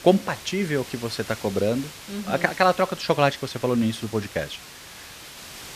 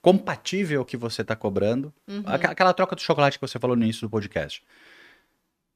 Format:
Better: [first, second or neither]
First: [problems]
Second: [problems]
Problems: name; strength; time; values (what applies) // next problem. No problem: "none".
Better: second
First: hiss; noticeable; throughout; 15 dB below the speech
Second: none